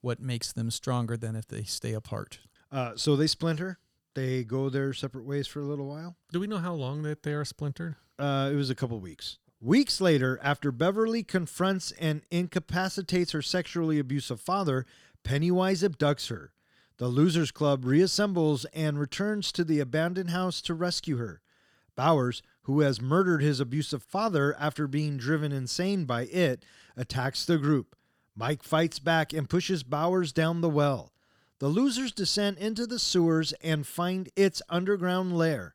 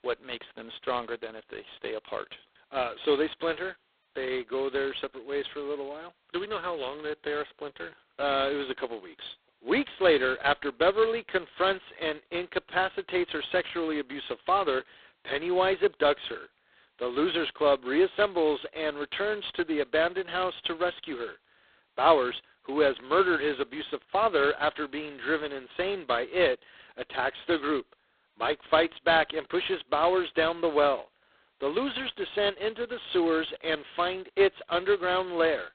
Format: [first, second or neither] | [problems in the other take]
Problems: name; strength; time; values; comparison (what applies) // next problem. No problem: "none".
first | phone-call audio; poor line; nothing above 4 kHz